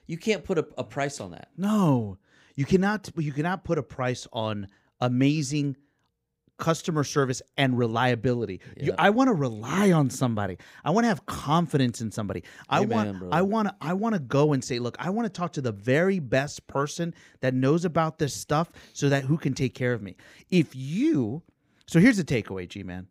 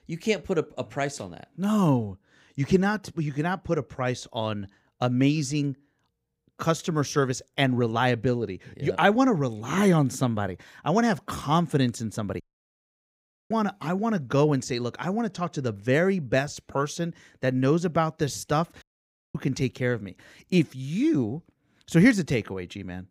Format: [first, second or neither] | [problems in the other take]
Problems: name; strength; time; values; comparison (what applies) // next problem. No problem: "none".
first | audio cutting out; at 12 s for 1 s and at 19 s for 0.5 s